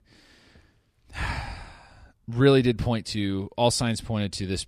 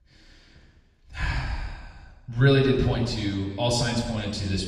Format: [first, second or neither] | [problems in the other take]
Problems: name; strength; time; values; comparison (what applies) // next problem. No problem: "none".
first | room echo; noticeable; dies away in 1.1 s // off-mic speech; far